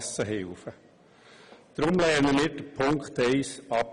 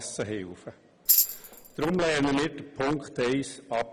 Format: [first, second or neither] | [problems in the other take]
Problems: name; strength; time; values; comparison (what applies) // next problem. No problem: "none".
first | background sound (Tambourine); as loud as the speech